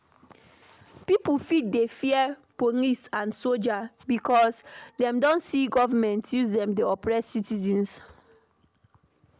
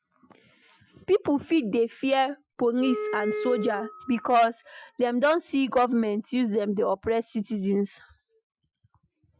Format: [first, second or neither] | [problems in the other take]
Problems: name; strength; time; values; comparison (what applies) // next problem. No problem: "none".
first | noise reduction (classical method Wiener filter)